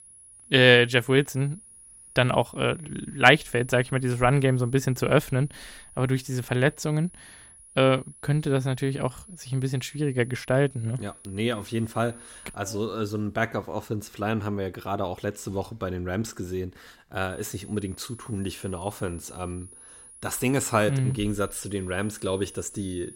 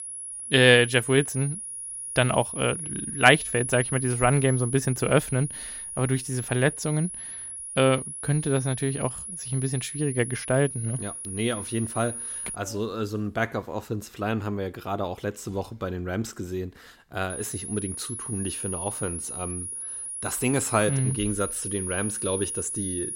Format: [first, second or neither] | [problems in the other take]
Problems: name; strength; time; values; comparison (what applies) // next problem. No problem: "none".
first | high-pitched whine; loud; until 13 s and from 17 s on; 10.5 kHz, 6 dB below the speech; faint in the first